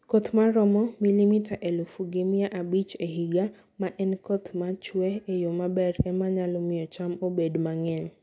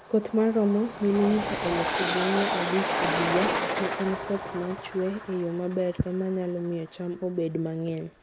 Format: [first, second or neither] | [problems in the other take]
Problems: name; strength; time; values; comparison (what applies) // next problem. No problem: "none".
first | background sound (Train); 4 dB below the speech